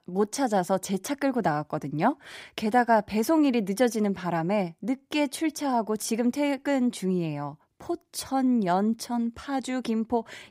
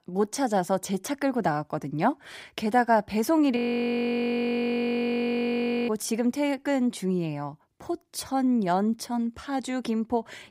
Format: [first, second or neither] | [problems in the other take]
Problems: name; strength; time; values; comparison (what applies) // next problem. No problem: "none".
first | audio freezing; at 3.5 s for 2.5 s